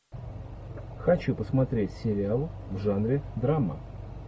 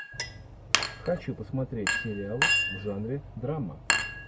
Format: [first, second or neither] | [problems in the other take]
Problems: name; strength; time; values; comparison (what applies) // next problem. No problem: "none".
first | background sound (Chink, clink); 3 dB above the speech